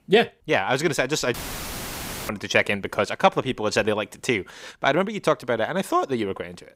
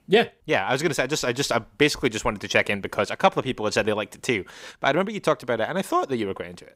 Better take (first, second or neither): second